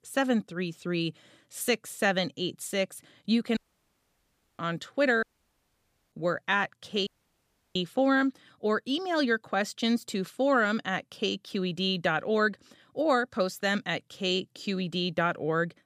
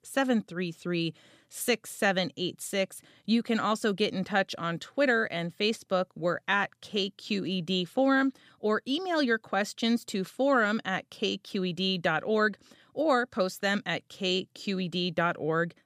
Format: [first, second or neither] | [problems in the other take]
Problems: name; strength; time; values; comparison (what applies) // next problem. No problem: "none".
second | audio cutting out; at 3.5 s for 1 s, at 5 s for 1 s and at 7 s for 0.5 s